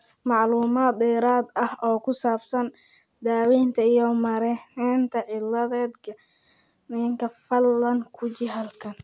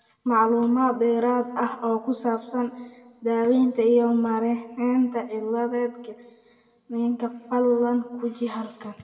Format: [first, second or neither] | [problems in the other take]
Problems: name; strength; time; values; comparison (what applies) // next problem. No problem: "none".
first | room echo; dies away in 1.1 s